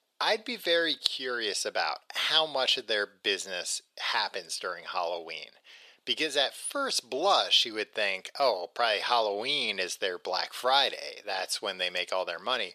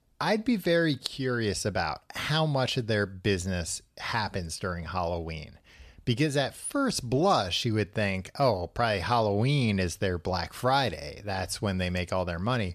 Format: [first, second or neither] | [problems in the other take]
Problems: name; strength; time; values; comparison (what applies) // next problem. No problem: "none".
second | thin; very; fading below 450 Hz